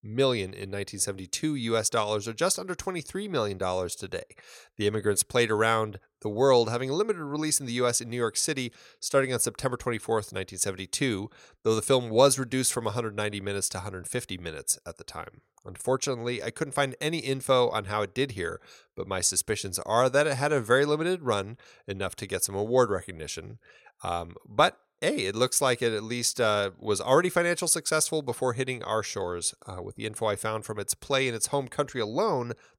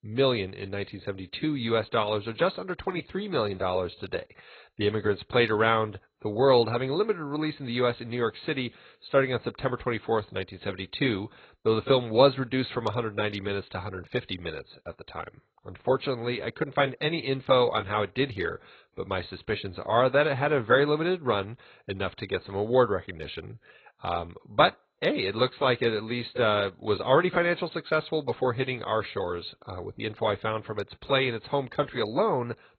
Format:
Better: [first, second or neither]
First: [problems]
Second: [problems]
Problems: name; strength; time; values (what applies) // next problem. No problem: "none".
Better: first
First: none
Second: garbled, watery; badly; nothing above 4 kHz